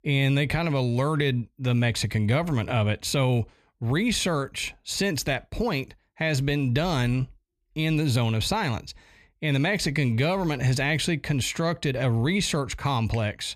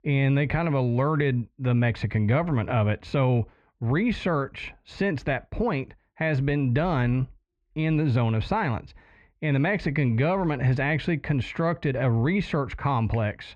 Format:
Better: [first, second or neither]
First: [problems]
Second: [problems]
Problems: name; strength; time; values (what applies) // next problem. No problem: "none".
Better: first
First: none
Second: muffled; very; fading above 1.5 kHz